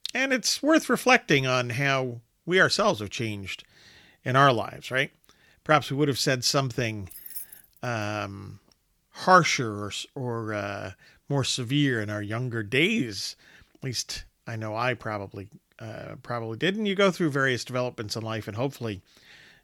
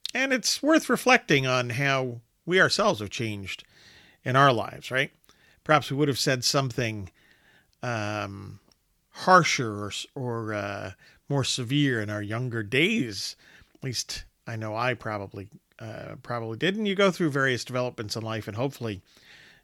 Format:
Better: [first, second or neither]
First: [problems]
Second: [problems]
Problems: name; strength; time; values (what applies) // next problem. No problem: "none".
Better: second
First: jangling keys; faint; at 7 s; peak 10 dB below the speech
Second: none